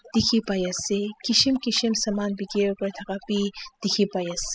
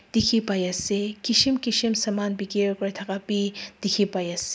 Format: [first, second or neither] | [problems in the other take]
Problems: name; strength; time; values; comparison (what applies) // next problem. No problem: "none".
second | noise reduction (classical method spectral subtraction)